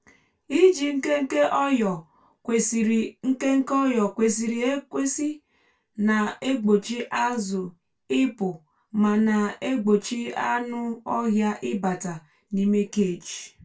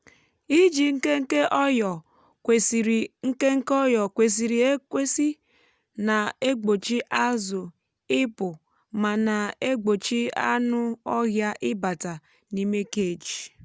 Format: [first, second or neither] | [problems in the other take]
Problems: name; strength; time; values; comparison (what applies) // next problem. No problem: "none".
second | room echo; dies away in 0.2 s